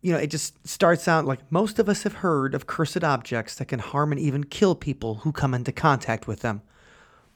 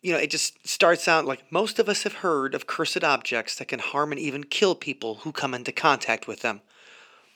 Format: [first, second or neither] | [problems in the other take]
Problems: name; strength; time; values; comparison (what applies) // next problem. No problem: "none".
first | thin; somewhat; fading below 350 Hz